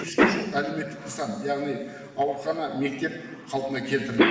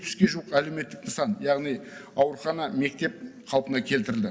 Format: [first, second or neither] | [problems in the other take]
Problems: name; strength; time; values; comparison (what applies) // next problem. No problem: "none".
second | background sound (Cough); 1 dB below the speech // room echo; dies away in 2.1 s